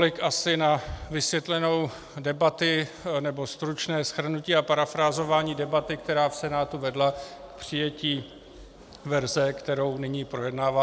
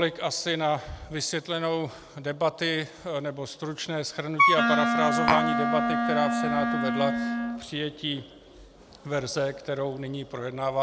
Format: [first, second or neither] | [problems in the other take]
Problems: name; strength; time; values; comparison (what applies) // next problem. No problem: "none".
first | background sound (Tap + Wind instrument, woodwind instrument); 5 dB above the speech